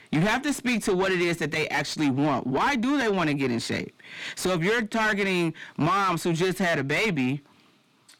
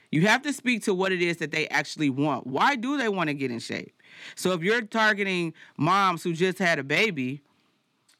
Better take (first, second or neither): second